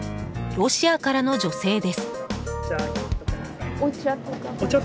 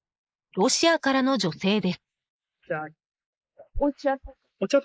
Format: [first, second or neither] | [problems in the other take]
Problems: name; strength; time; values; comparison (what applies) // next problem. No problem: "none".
first | noise reduction (neural mask model Resemble Enhance denoiser)